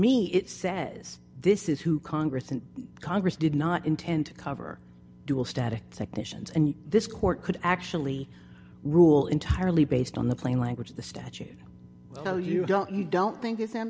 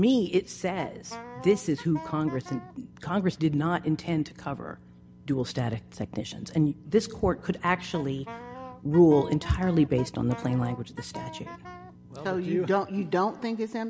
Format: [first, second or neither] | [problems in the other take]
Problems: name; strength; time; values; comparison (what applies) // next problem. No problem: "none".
first | background sound (Wind instrument, woodwind instrument); 15 dB below the speech